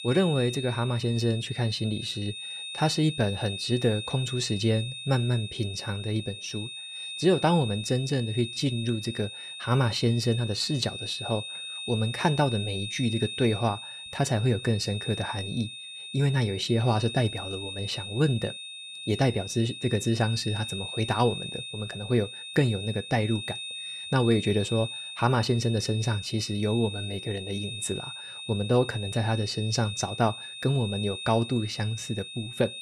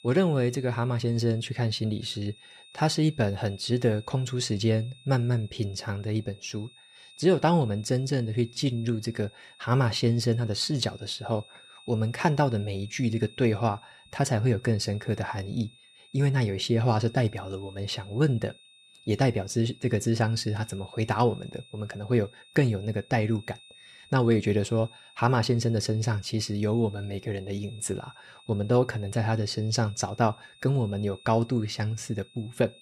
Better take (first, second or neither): second